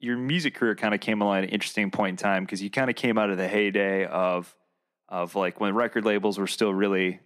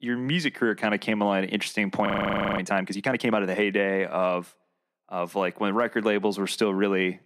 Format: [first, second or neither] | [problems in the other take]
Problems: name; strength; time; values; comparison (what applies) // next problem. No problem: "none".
first | audio freezing; at 2 s for 0.5 s